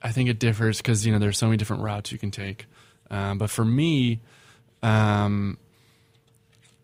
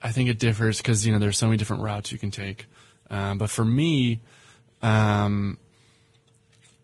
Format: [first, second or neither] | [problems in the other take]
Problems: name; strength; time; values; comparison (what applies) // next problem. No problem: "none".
first | garbled, watery; badly; nothing above 10.5 kHz